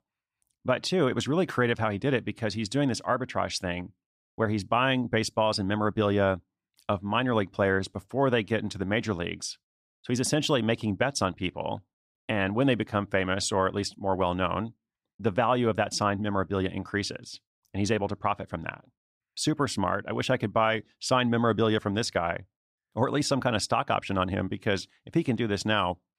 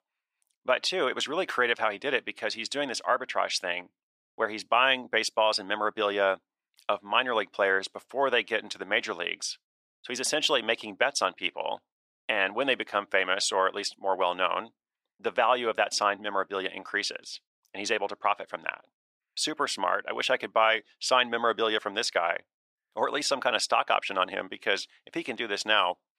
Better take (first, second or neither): first